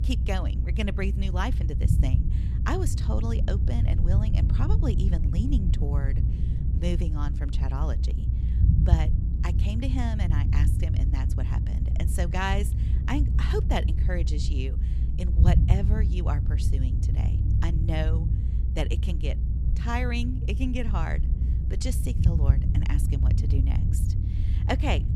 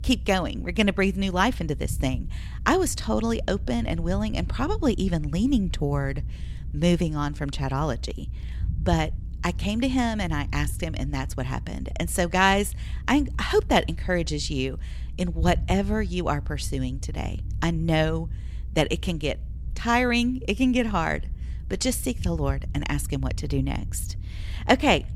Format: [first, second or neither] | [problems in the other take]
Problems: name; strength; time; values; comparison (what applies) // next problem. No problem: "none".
second | low rumble; loud; throughout; 5 dB below the speech; faint in the second